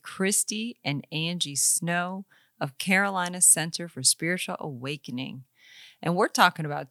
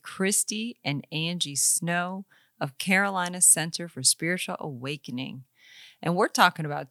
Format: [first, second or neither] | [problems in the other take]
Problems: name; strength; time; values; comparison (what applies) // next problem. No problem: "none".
neither | none